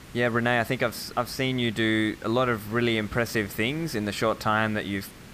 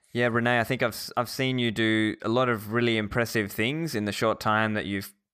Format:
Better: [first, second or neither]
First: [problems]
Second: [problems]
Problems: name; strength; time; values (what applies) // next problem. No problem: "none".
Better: second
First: hiss; noticeable; throughout; 20 dB below the speech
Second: none